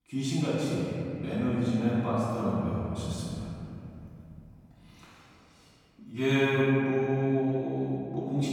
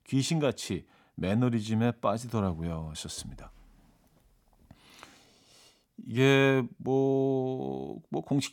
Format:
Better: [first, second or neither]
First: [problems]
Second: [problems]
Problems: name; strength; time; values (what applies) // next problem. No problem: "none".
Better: second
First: off-mic speech; far // room echo; strong; dies away in 3 s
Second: none